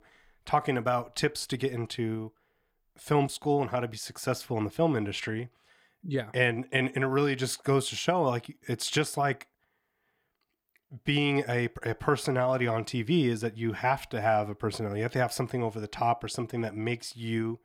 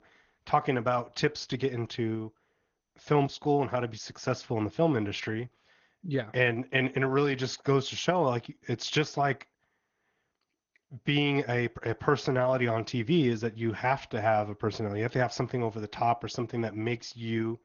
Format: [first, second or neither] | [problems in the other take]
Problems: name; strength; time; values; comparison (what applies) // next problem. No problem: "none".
first | garbled, watery; slightly; nothing above 6.5 kHz